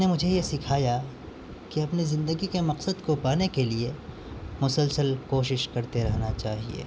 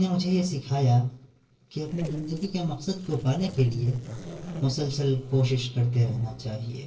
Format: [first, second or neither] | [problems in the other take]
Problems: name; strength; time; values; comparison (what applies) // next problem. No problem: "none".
first | noise reduction (neural separator model SepFormer DNS4)